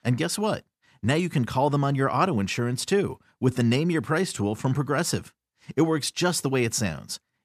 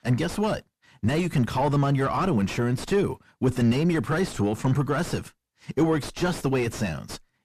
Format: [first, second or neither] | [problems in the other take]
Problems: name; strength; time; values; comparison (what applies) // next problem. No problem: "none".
first | distortion; heavy; 5 dB below the speech